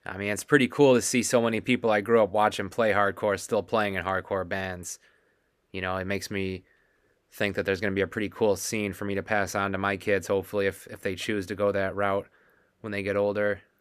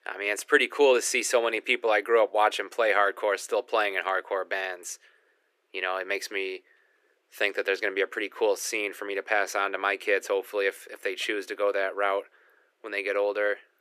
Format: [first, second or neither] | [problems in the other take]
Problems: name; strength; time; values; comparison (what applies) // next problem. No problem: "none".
first | thin; very; fading below 350 Hz